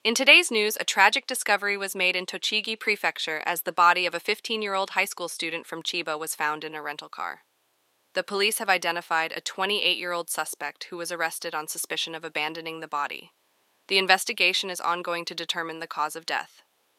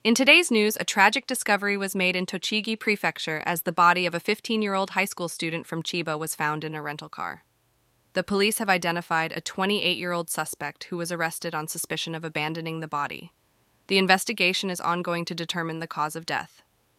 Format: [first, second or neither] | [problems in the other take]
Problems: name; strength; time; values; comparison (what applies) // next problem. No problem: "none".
second | thin; somewhat; fading below 400 Hz